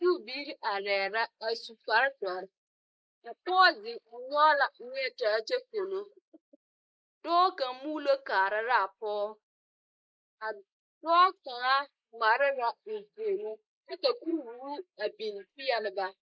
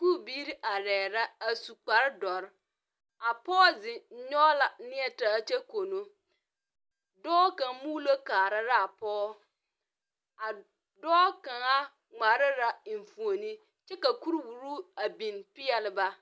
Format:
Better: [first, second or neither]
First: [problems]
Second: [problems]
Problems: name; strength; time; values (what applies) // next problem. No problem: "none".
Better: second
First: noise reduction (neural mask model Resemble Enhance denoiser)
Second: none